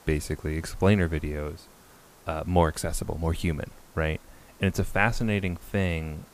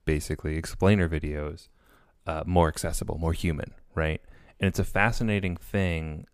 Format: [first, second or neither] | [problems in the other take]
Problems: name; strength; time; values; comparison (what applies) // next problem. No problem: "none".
second | hiss; faint; throughout; 25 dB below the speech